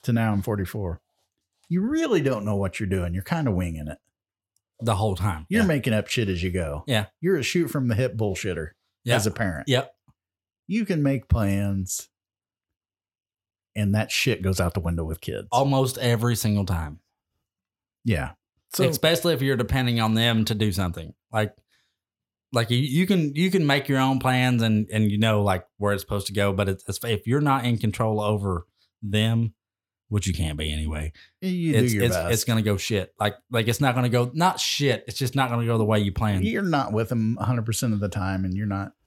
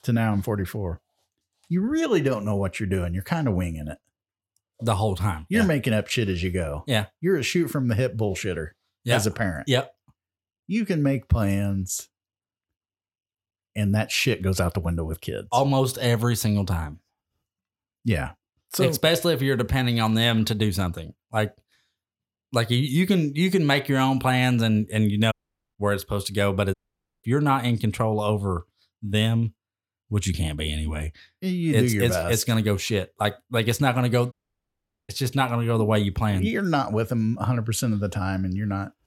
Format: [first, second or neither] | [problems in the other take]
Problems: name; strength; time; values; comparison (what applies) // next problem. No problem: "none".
first | audio cutting out; at 25 s, at 27 s and at 34 s for 1 s